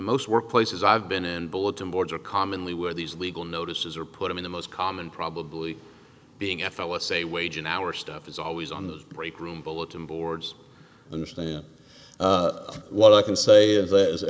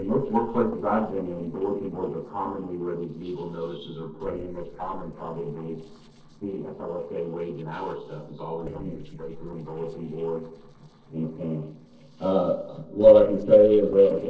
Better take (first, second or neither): first